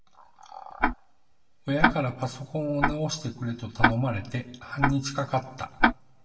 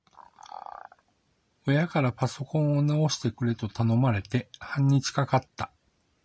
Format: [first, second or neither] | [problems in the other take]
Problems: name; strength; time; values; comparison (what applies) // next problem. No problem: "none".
second | background sound (Tick-tock); 1 dB above the speech // room echo; dies away in 0.8 s